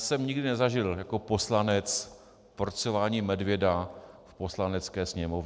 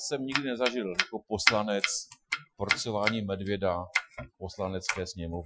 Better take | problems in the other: first | noise reduction (classical method Wiener filter)

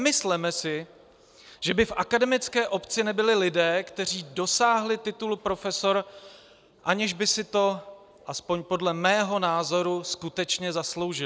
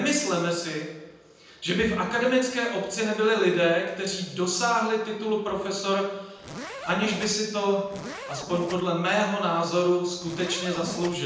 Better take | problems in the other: first | background sound (Zipper (clothing)); 11 dB below the speech // room echo; dies away in 0.9 s

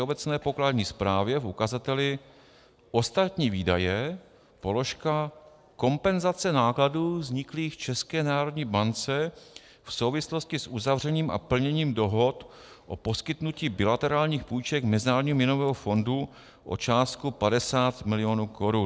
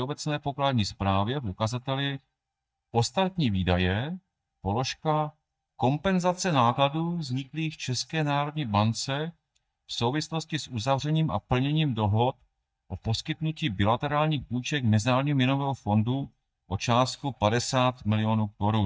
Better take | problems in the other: first | noise reduction (neural mask model DeepFilterNet 3)

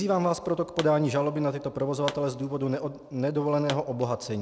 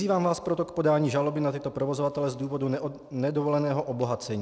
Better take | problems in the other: second | background sound (Explosion); 14 dB below the speech

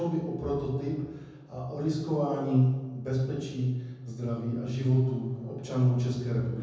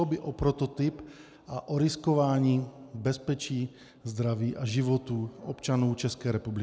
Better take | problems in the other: second | room echo; dies away in 1.1 s

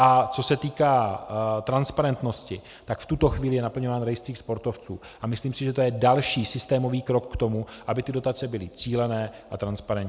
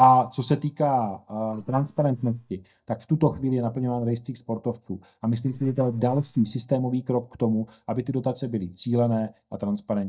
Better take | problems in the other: first | noise reduction (neural mask model DeepFilterNet 3)

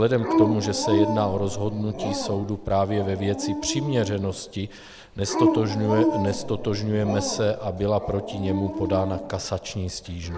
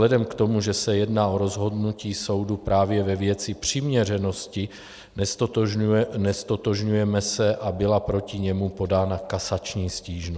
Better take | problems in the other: second | background sound (Dog); 3 dB below the speech

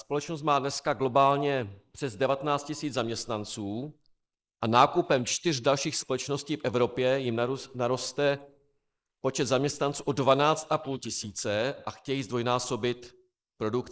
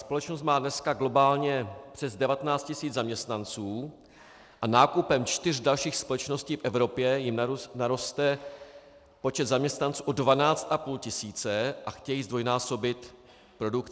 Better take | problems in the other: second | noise reduction (neural mask model Resemble Enhance denoiser)

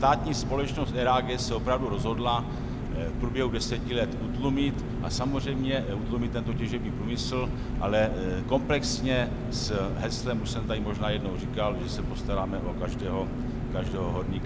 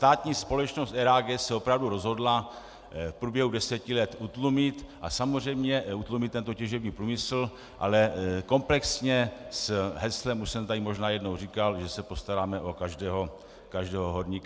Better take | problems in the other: second | background sound (Engine); 1 dB below the speech

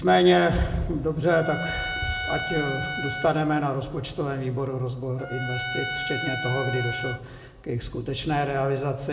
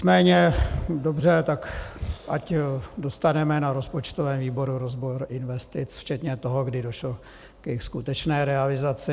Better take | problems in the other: second | background sound (Trumpet); 8 dB below the speech // room echo; dies away in 1 s

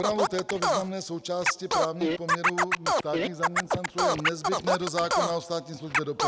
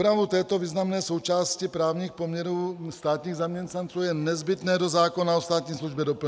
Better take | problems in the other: second | background sound (Scratching (performance technique)); 3 dB above the speech

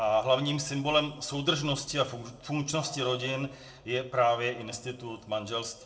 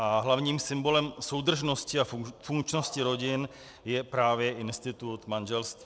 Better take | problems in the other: second | room echo; dies away in 0.5 s

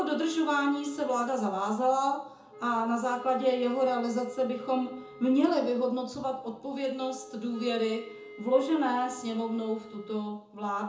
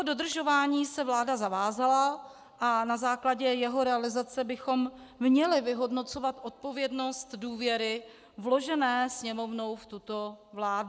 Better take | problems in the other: second | background sound (Wind instrument, woodwind instrument); 19 dB below the speech // room echo; dies away in 0.6 s

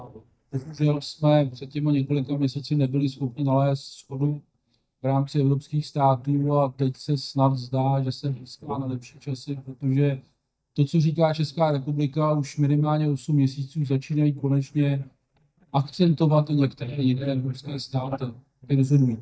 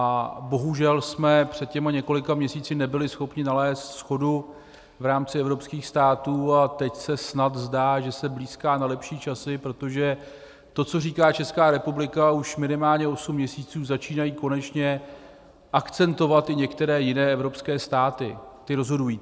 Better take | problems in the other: second | noise reduction (neural mask model DeepFilterNet 3)

